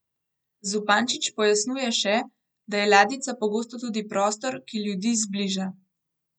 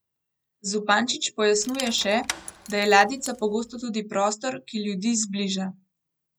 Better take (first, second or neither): first